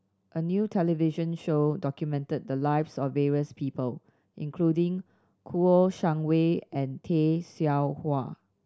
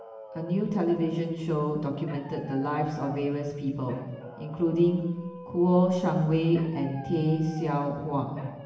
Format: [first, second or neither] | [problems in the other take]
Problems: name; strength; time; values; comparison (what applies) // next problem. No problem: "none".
first | background sound (Dog); 17 dB below the speech // room echo; dies away in 1.3 s